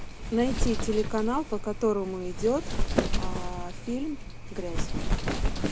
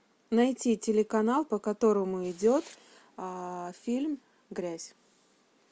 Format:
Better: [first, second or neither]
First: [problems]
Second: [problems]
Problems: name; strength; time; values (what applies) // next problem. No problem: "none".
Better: second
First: background sound (Wind); 2 dB above the speech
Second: none